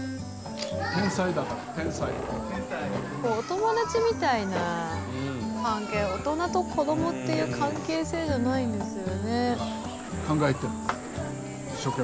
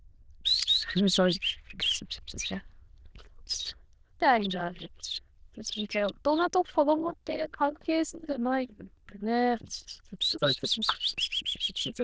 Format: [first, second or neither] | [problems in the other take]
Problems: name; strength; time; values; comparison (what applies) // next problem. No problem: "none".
first | noise reduction (neural diffusion model UNIVERSE++)